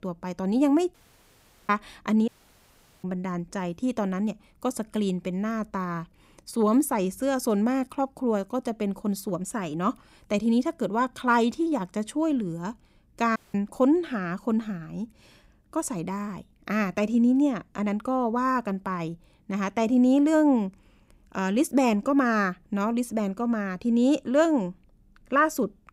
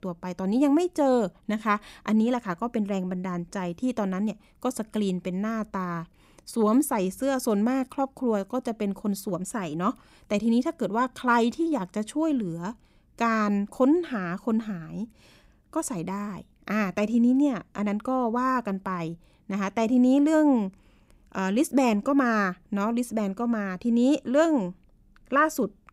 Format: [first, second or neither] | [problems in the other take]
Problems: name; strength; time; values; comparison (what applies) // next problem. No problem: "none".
second | audio cutting out; at 1 s for 1 s, at 2.5 s for 1 s and at 13 s